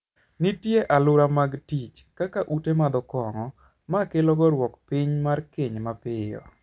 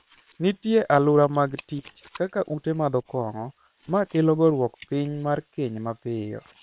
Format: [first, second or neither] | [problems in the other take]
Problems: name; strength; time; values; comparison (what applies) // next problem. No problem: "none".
first | noise reduction (neural separator model SepFormer WHAM!)